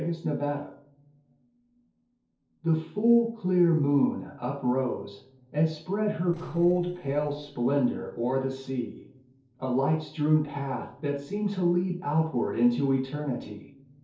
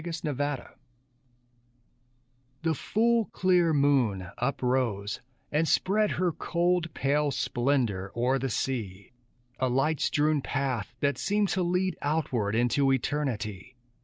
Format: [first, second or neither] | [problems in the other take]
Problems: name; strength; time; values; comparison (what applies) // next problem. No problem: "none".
second | noise reduction (neural separator model SepFormer DNS4)